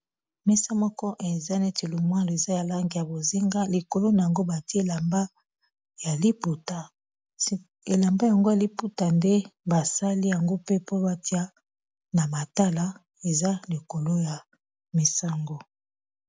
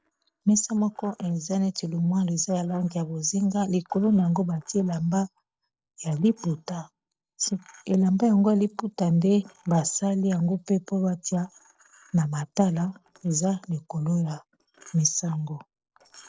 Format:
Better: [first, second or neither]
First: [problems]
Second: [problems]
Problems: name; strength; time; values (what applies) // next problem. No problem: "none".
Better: first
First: none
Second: noise reduction (neural separator model SepFormer DNS4)